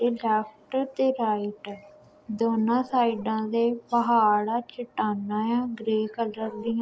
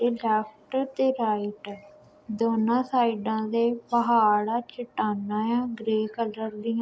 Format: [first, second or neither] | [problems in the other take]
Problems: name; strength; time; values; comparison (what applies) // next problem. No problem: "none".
second | background sound (Bark); 16 dB below the speech